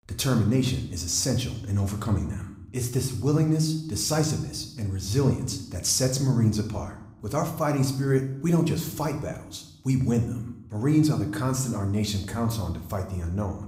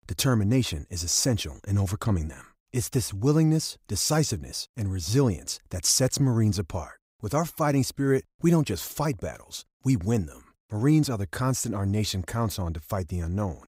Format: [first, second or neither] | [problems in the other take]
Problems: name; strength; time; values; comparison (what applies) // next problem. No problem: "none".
second | room echo; slight; dies away in 0.7 s